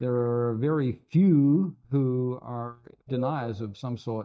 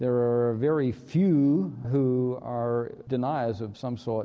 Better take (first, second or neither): second